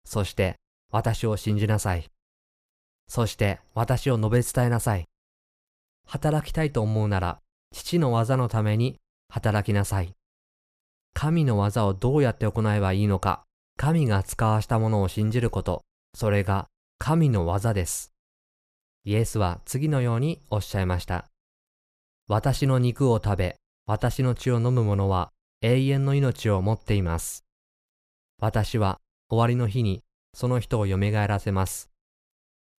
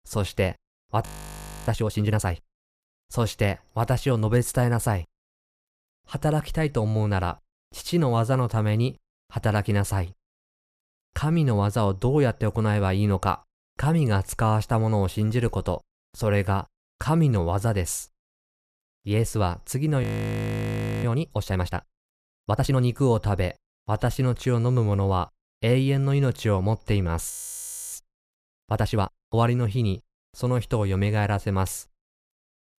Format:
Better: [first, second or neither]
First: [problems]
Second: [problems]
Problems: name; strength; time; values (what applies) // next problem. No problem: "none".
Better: first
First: none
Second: audio freezing; at 1 s for 0.5 s, at 20 s for 1 s and at 27 s for 0.5 s